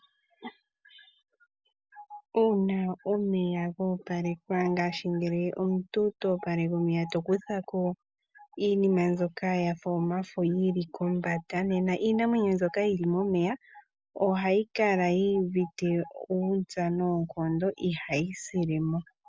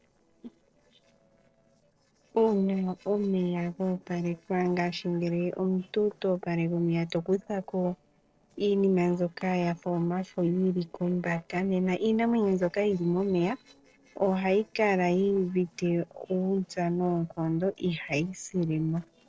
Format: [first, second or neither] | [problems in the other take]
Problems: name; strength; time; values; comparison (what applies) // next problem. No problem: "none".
first | noise reduction (neural separator model SepFormer DNS4)